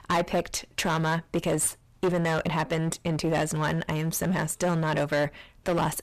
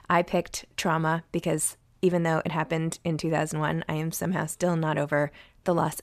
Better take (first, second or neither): second